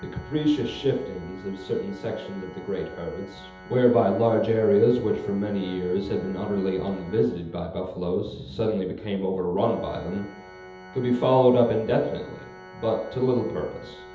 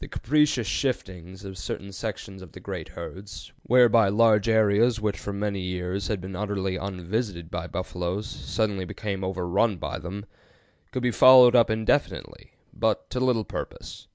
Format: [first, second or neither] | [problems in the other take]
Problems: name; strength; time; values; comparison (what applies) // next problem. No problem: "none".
second | background sound (Organ); 19 dB below the speech // room echo; dies away in 0.8 s